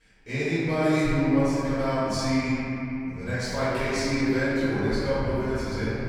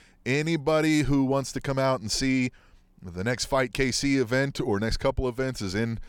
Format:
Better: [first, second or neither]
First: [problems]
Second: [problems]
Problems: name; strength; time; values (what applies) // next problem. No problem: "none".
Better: second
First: off-mic speech; far // room echo; strong; dies away in 2.9 s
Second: none